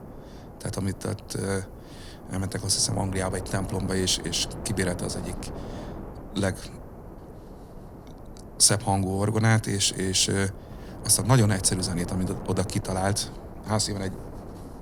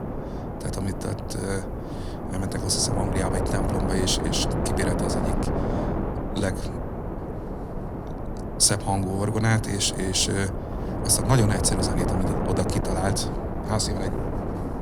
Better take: first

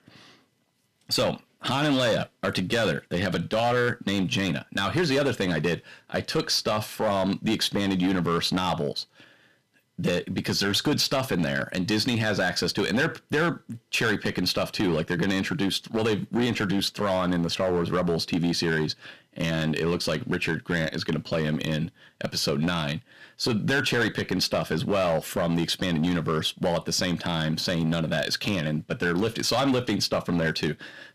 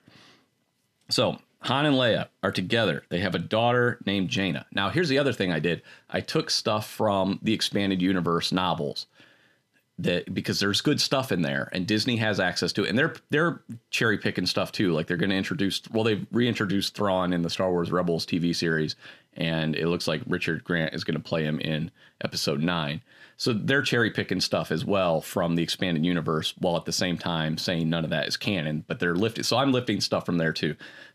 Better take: second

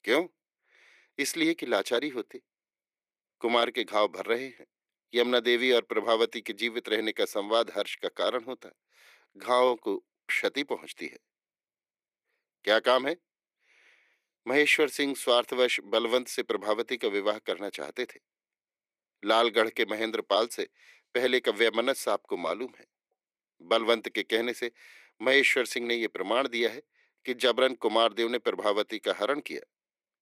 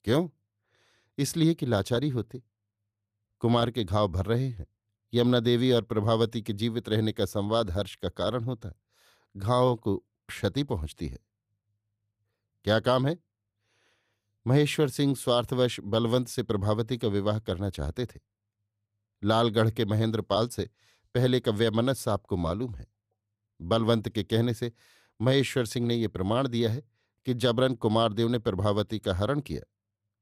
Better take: second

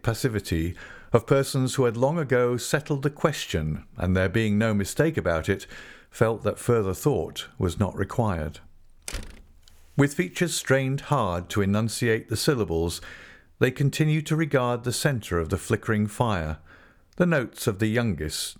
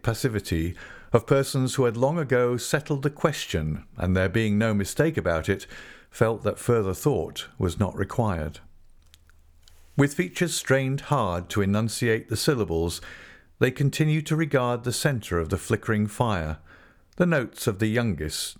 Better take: second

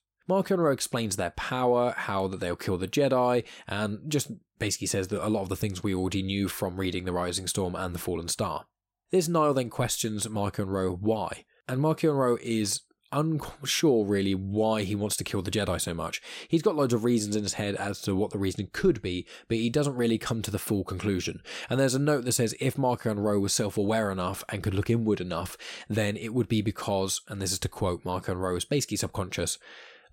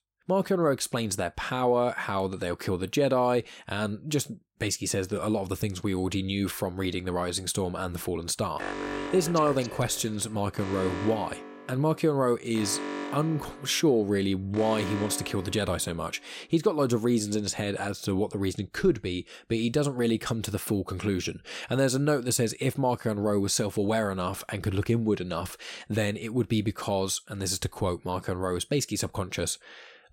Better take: first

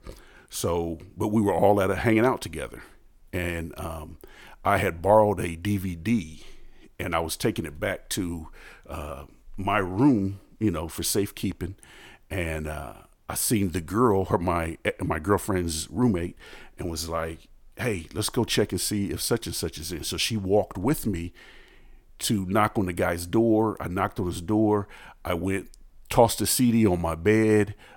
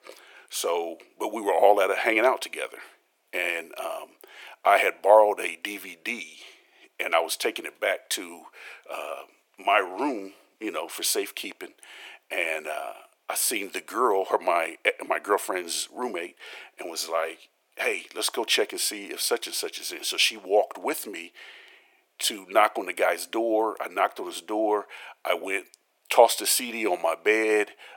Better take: first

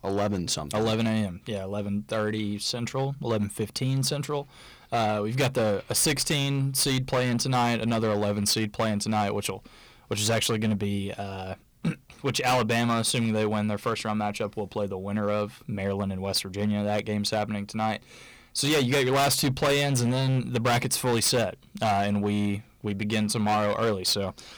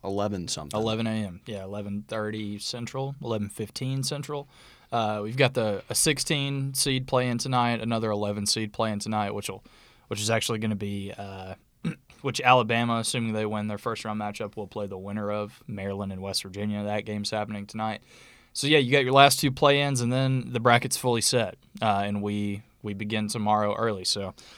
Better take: second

